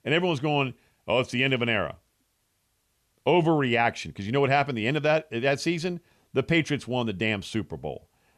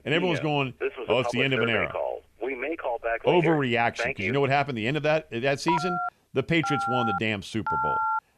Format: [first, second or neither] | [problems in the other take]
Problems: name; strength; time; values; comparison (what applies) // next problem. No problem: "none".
first | alarms or sirens; loud; throughout; 3 dB below the speech